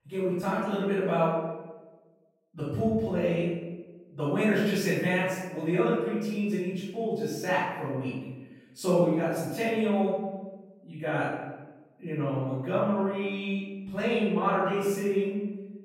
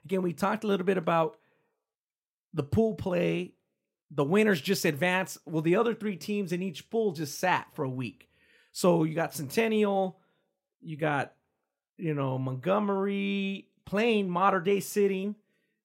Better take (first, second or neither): second